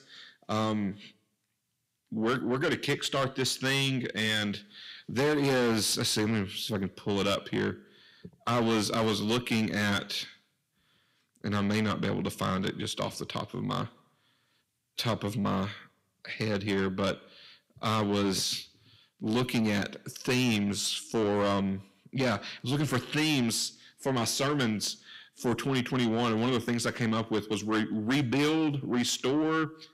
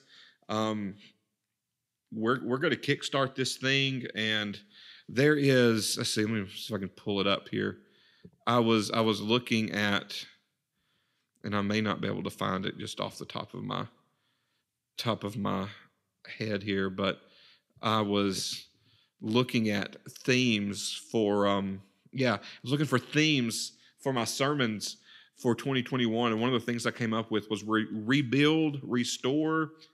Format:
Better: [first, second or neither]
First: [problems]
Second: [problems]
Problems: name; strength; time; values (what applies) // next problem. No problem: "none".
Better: second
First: distortion; heavy; 7 dB below the speech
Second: none